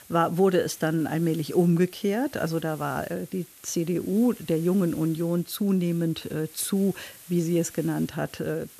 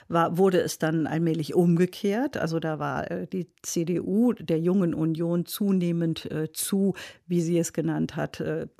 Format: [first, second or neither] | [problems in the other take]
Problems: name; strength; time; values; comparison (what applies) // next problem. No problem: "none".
second | hiss; noticeable; throughout; 20 dB below the speech